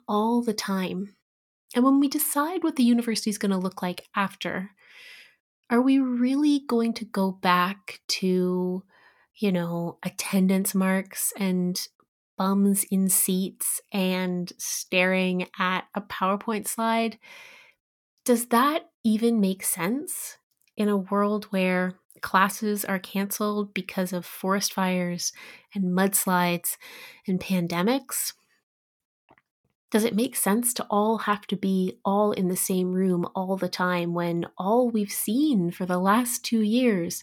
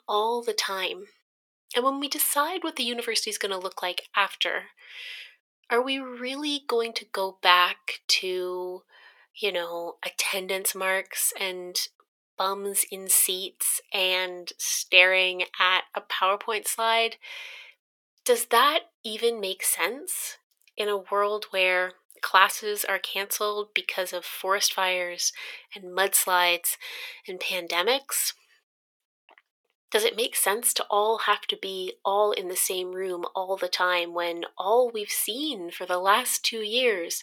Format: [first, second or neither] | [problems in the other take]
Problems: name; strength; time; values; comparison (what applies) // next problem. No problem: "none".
first | thin; very; fading below 450 Hz